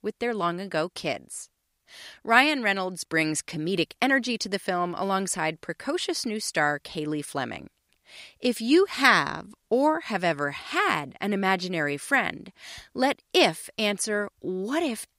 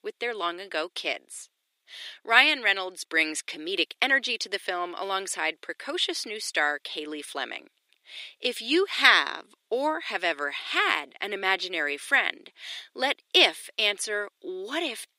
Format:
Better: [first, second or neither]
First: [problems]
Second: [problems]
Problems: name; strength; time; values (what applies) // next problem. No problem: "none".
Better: first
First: none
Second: thin; somewhat; fading below 350 Hz